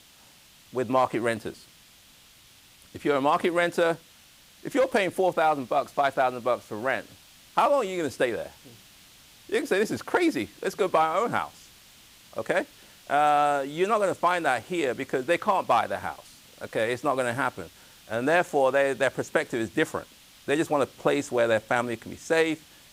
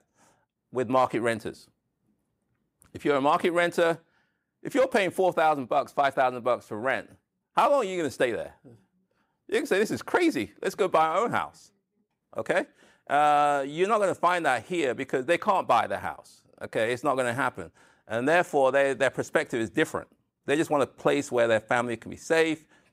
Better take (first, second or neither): second